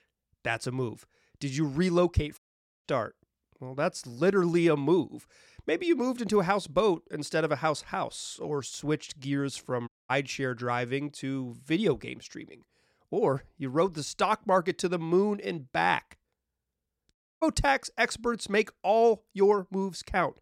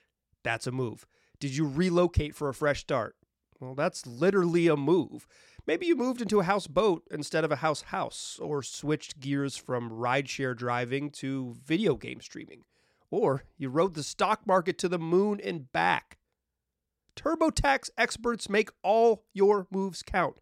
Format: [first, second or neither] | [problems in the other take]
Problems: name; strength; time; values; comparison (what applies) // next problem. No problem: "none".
second | audio cutting out; at 2.5 s, at 10 s and at 17 s